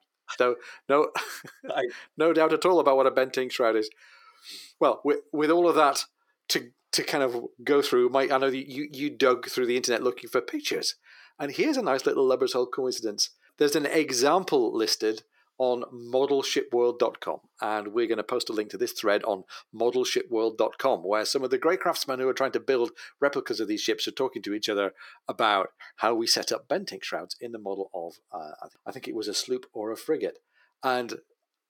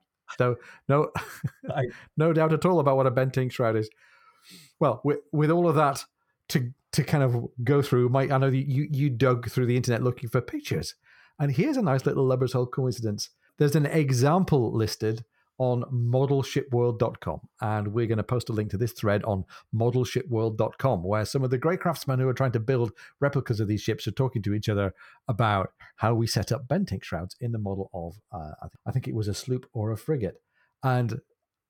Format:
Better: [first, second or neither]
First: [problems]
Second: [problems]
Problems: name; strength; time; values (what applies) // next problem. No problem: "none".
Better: second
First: thin; somewhat; fading below 300 Hz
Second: none